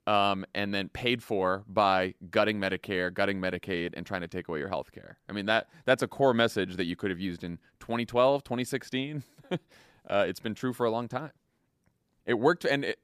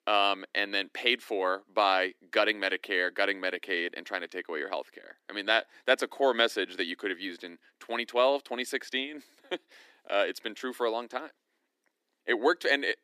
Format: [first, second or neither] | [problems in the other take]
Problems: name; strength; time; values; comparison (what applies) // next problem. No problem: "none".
first | thin; somewhat; fading below 300 Hz